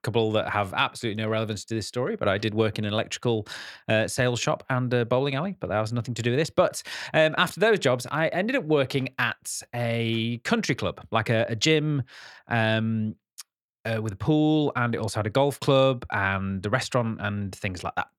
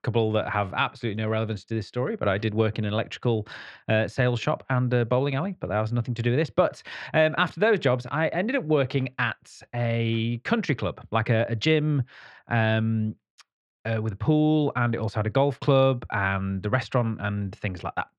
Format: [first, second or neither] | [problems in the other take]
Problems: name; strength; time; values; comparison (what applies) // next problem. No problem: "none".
first | muffled; slightly; fading above 3 kHz